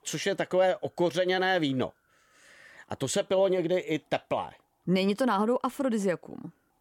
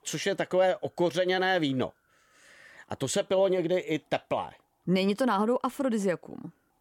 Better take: neither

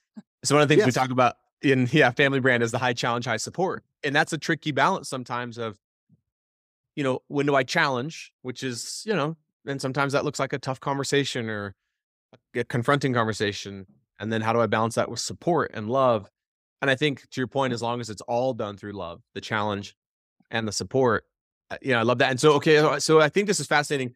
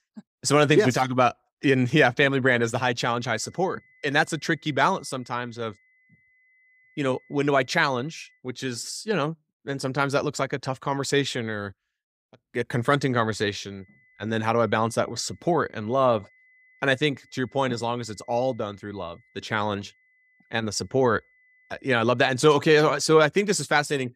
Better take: first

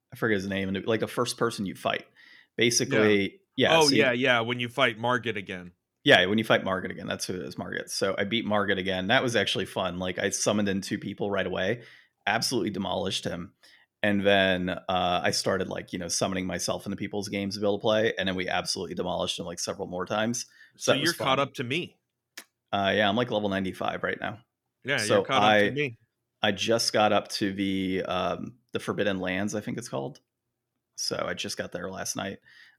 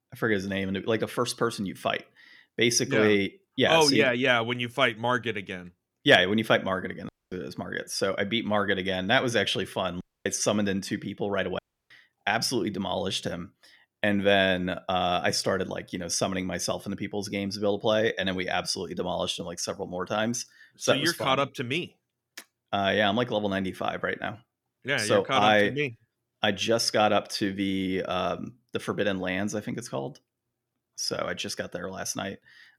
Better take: first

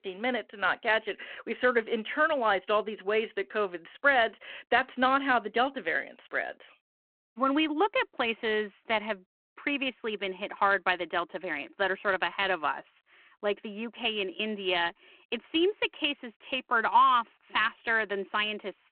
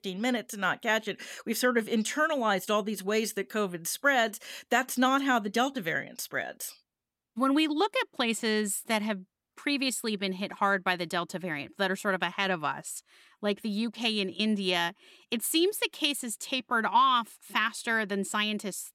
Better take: second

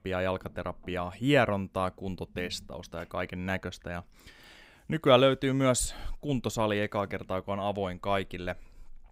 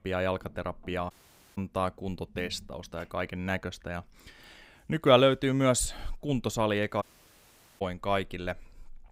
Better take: first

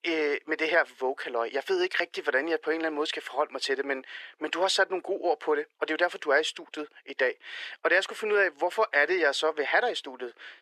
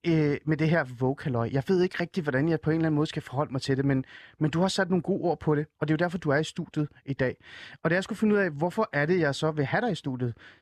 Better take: second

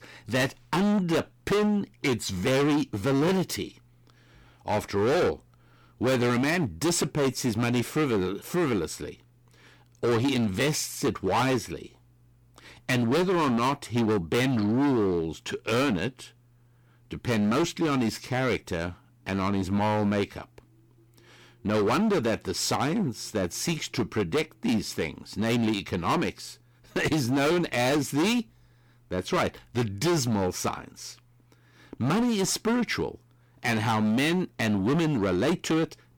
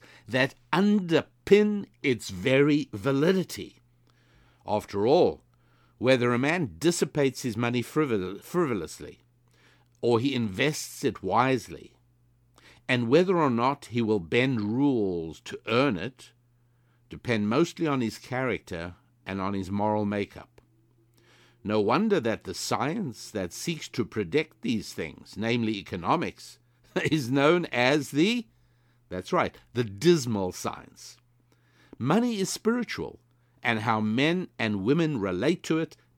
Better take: second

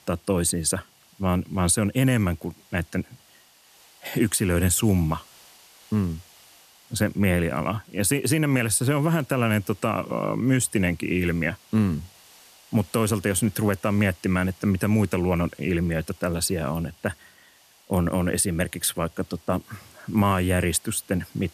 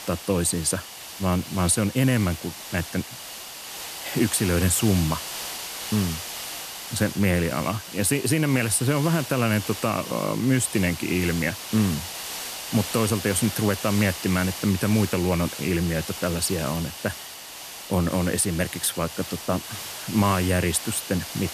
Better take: first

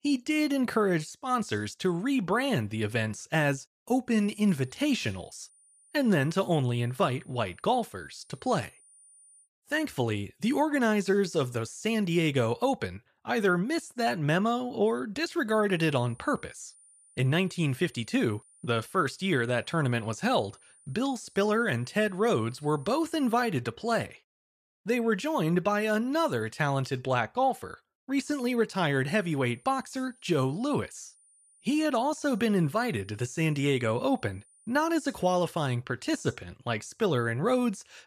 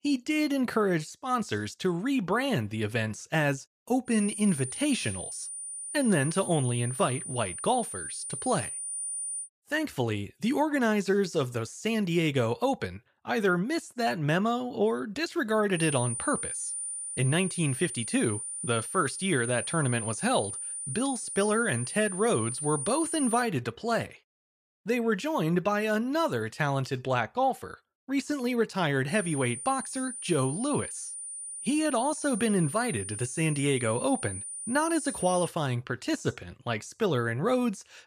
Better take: first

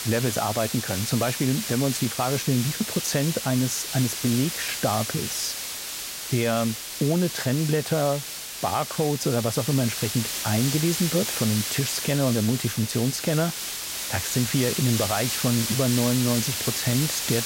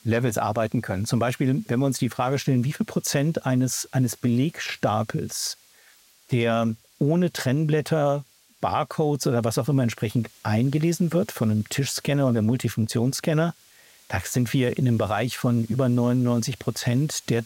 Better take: second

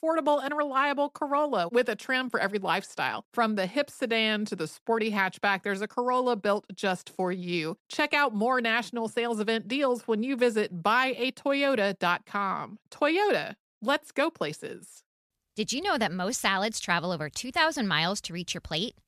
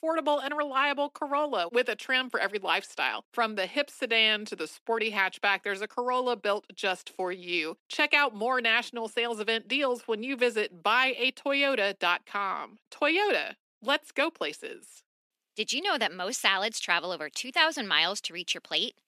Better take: first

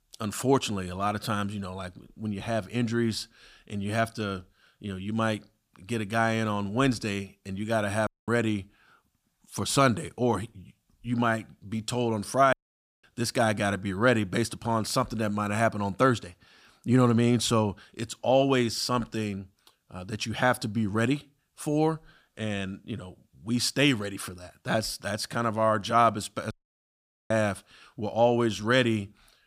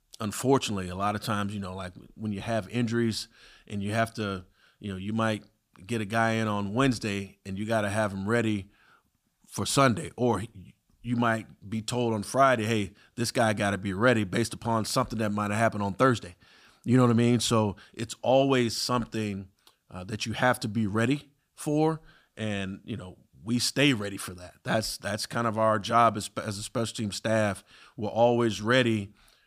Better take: second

